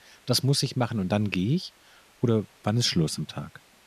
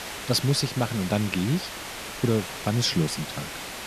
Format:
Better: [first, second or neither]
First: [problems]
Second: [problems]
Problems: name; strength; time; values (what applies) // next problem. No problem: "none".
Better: first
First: hiss; faint; throughout; 30 dB below the speech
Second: hiss; loud; throughout; 8 dB below the speech